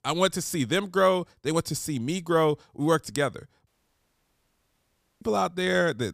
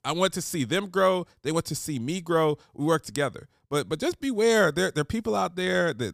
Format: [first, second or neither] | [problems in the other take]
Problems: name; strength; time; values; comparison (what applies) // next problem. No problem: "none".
second | audio cutting out; at 3.5 s for 1.5 s